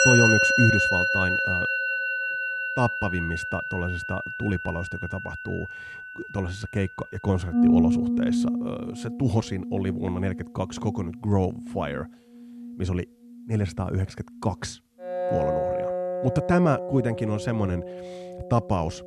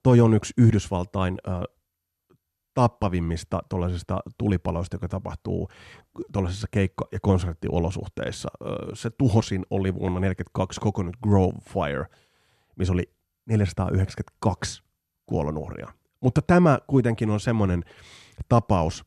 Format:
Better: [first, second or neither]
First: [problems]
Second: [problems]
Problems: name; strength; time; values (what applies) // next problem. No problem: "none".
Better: second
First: background music; very loud; throughout; 2 dB above the speech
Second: none